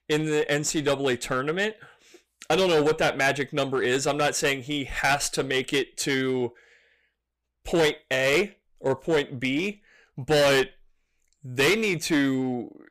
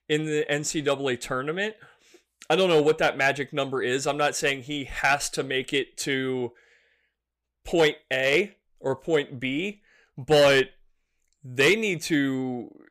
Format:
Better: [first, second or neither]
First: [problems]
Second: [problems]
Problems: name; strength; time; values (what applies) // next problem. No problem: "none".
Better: second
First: distortion; slight; 9% of the sound clipped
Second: none